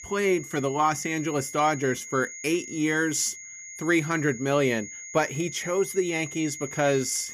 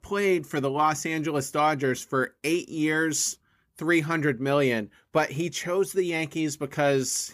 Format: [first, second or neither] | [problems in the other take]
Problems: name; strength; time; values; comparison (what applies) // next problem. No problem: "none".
second | high-pitched whine; noticeable; throughout; 6.5 kHz, 10 dB below the speech